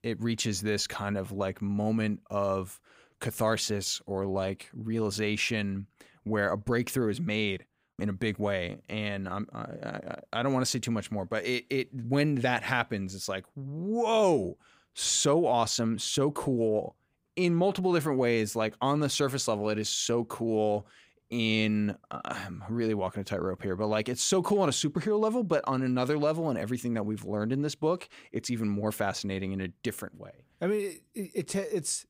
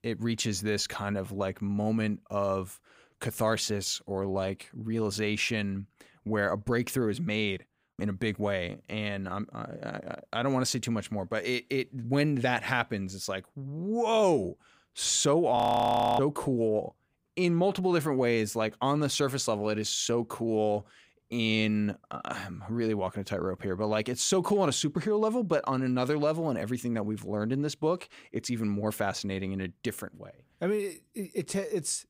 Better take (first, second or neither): first